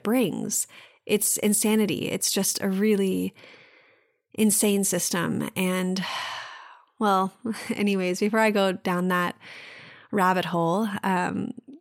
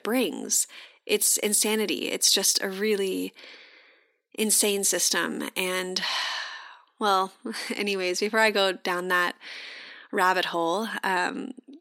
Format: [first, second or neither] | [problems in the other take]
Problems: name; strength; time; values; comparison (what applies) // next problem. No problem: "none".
first | thin; somewhat; fading below 250 Hz